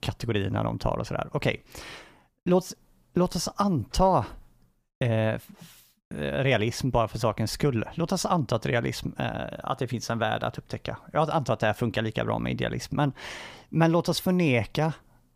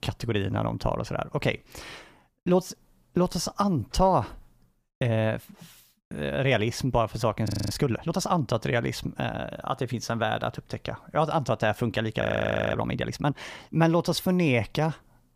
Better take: first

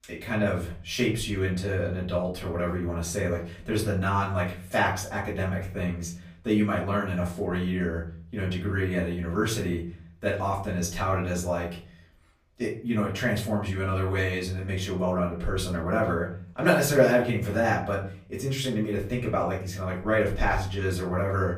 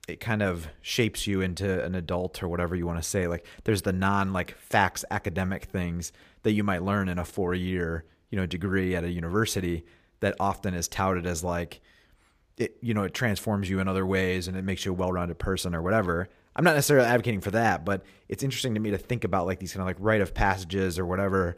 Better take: second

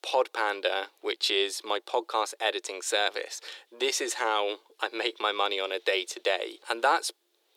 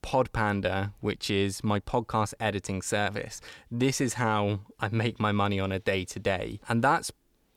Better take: second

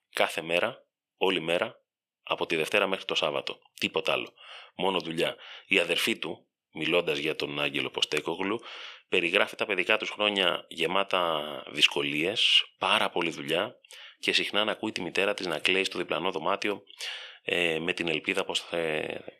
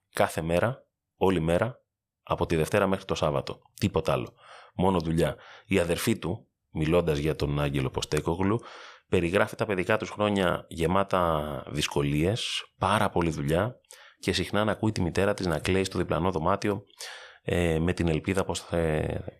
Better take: second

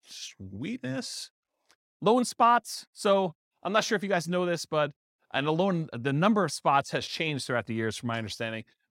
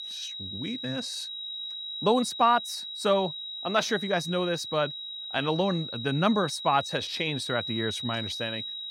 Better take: first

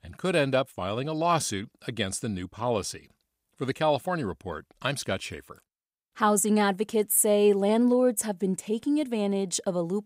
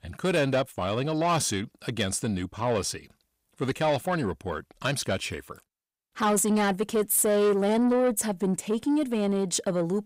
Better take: first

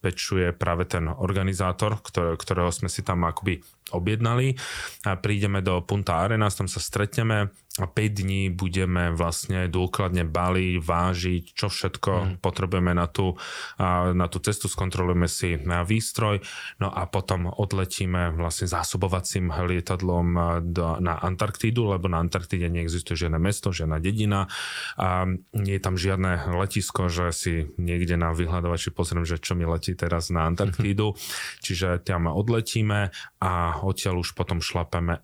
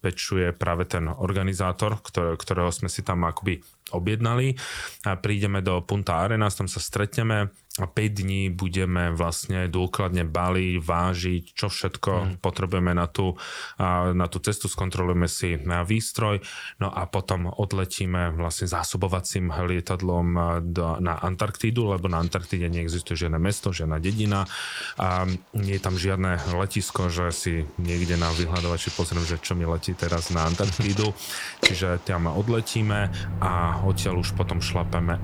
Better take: first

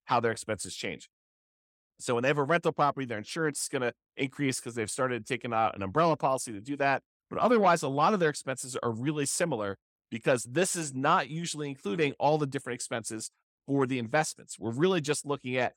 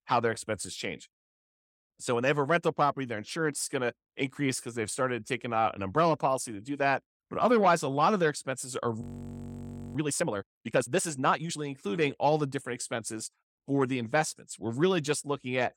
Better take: first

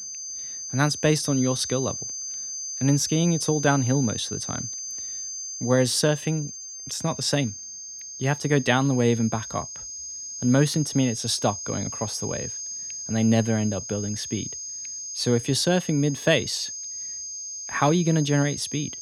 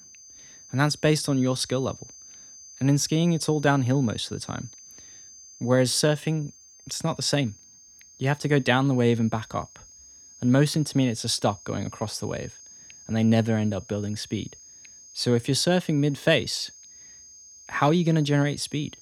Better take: second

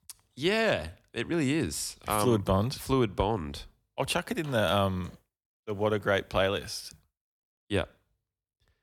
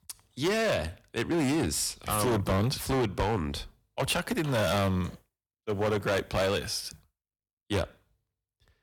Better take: first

